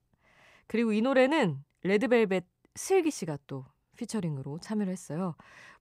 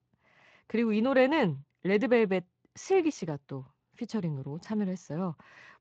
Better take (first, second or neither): first